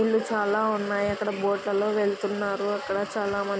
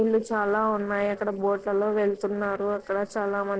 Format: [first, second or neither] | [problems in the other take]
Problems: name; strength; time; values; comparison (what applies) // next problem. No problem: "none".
first | noise reduction (neural separator model SepFormer DNS4)